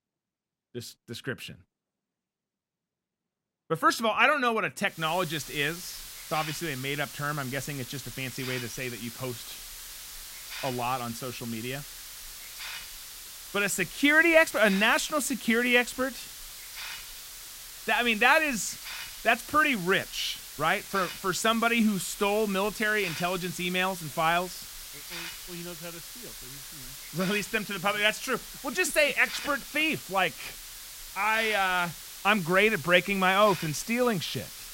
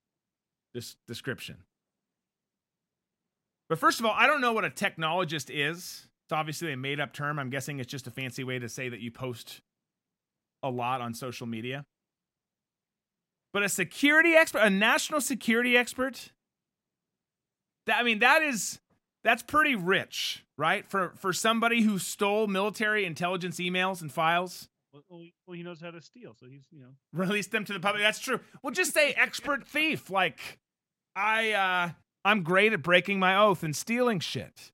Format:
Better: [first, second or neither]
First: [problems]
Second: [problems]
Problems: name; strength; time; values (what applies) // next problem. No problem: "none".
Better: second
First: hiss; noticeable; from 5 s on; 15 dB below the speech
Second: none